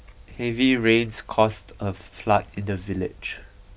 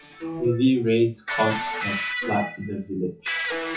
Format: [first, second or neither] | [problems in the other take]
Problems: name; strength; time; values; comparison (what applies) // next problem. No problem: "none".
first | noise reduction (classical method WPE with log-MMSE)